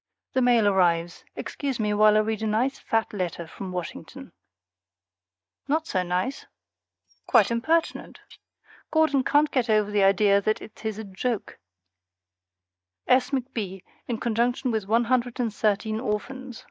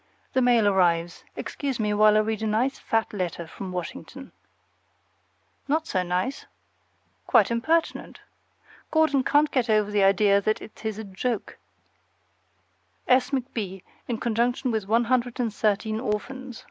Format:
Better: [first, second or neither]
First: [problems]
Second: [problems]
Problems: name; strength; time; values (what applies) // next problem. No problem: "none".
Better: second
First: noise reduction (neural mask model DeepFilterNet 3)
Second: none